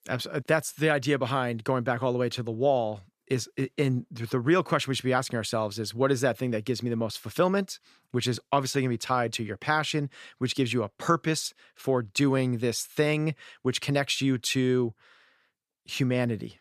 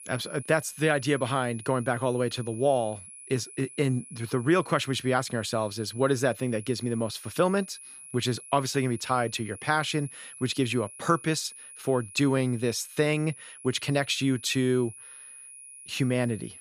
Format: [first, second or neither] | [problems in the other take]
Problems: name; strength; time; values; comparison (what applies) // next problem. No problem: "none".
first | high-pitched whine; noticeable; throughout; 10.5 kHz, 15 dB below the speech